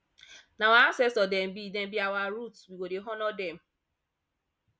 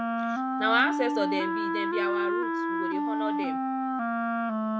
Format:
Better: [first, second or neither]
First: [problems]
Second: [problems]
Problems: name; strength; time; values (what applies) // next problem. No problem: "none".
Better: first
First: none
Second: background sound (Wind instrument, woodwind instrument); 5 dB above the speech